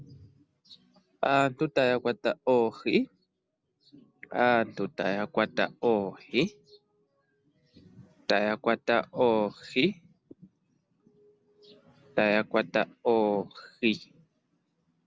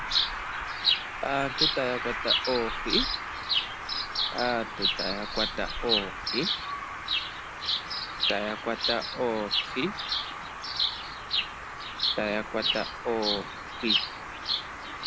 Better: first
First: none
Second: background sound (Bird vocalization, bird call, bird song); 3 dB above the speech

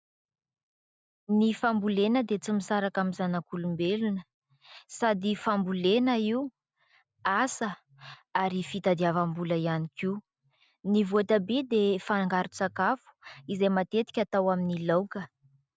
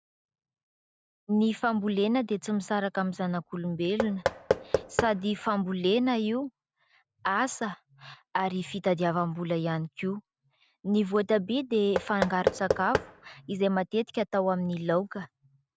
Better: first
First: none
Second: background sound (Knock / Wood); 3 dB below the speech

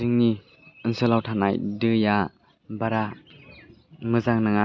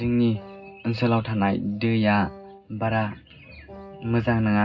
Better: first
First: none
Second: background sound (Wind instrument, woodwind instrument); 20 dB below the speech // room echo; dies away in 0.4 s

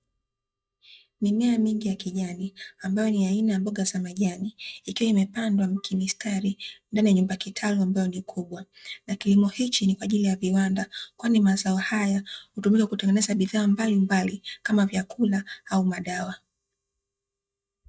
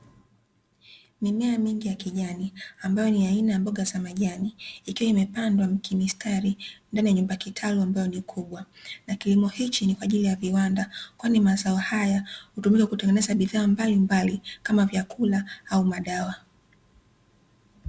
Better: second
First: noise reduction (neural mask model DeepFilterNet 3)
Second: none

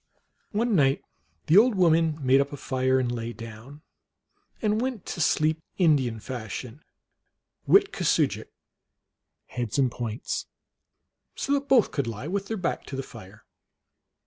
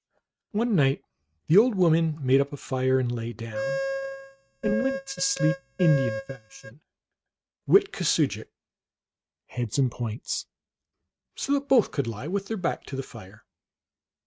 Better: first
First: none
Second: noise reduction (neural mask model RNNoise)

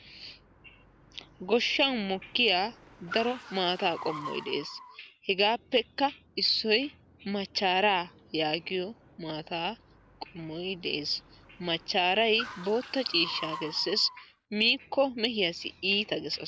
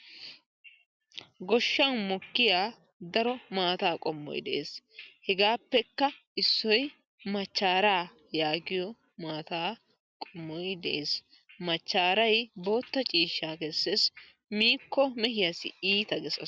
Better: second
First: background sound (Car); 18 dB below the speech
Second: none

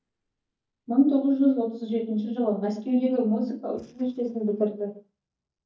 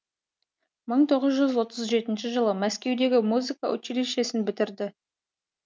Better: second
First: noise reduction (neural mask model DeepFilterNet 3)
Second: none

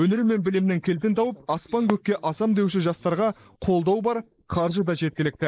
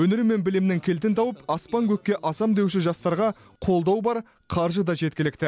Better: second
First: noise reduction (neural mask model Resemble Enhance denoiser)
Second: none

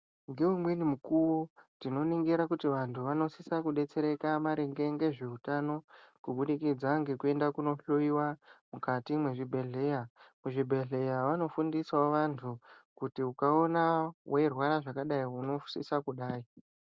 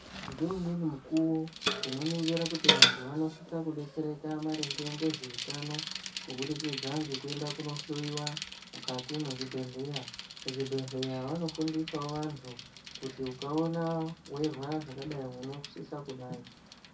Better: first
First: none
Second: background sound (Bicycle); 1 dB below the speech // room echo; dies away in 0.3 s

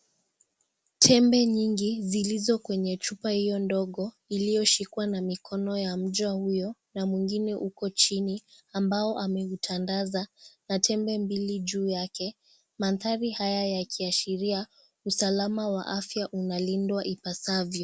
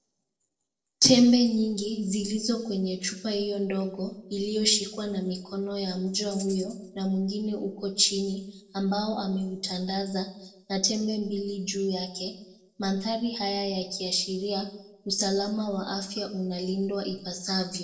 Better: first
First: none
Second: noise reduction (neural separator model SepFormer DNS4)

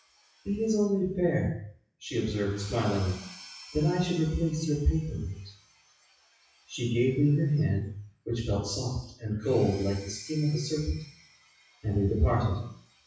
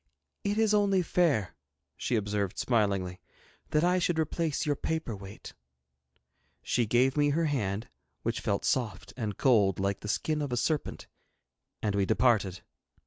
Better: second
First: noise reduction (classical method WPE with log-MMSE)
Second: none

